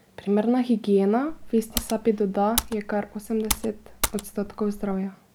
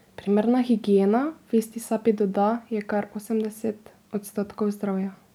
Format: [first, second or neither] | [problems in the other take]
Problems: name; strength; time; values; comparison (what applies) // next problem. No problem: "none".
second | background sound (Computer keyboard); 8 dB below the speech